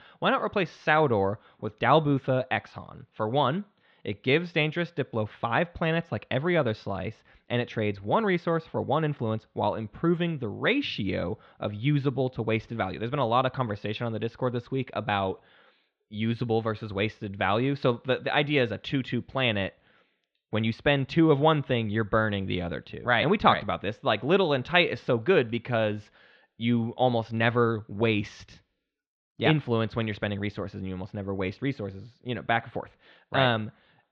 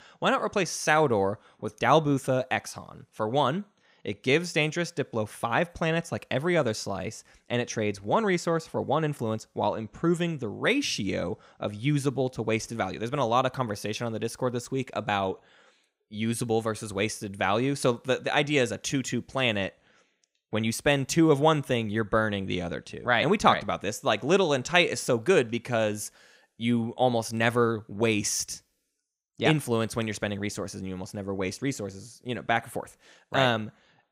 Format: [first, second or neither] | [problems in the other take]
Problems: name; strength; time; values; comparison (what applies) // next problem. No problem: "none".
second | muffled; very; fading above 4 kHz